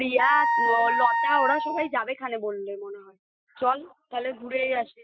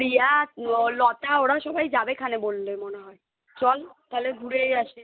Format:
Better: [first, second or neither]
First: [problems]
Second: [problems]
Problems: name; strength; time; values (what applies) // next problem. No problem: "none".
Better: second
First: noise reduction (classical method Wiener filter)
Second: none